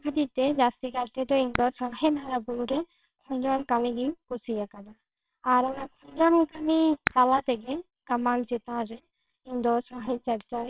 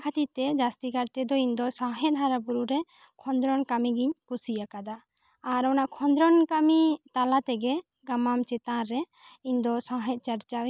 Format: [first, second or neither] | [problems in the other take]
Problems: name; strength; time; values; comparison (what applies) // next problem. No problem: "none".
second | noise reduction (neural separator model SepFormer WHAMR!)